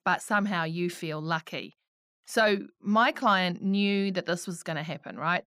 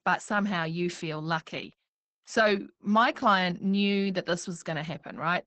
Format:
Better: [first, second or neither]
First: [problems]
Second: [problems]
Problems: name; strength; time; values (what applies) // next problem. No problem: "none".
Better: first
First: none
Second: garbled, watery; badly; nothing above 8 kHz